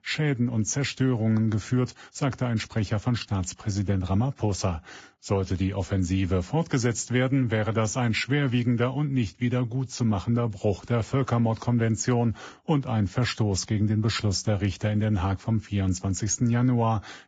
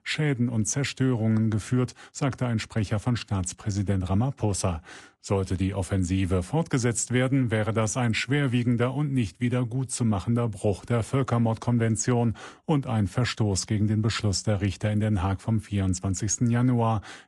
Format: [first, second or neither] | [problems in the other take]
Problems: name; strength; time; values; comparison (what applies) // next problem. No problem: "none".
second | garbled, watery; badly; nothing above 7.5 kHz; slightly in the second